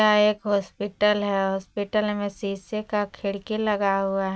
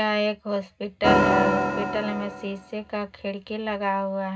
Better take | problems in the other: first | background sound (Organ); 3 dB above the speech // room echo; dies away in 0.2 s

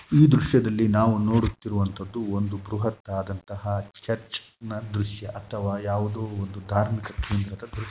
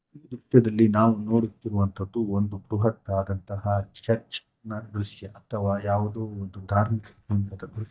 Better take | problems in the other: first | noise reduction (neural mask model DeepFilterNet 3)

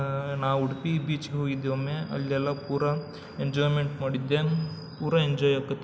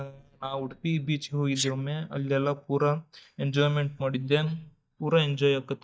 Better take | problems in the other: first | noise reduction (neural mask model DeepFilterNet 3)

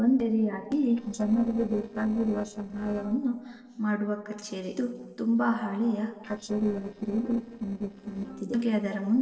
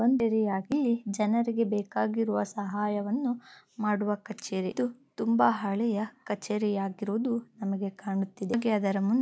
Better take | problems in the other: second | noise reduction (neural separator model SepFormer DNS4)

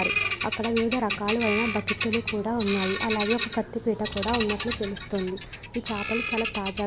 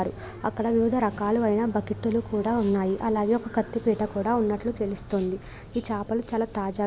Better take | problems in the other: second | background sound (Bird vocalization, bird call, bird song); 4 dB below the speech

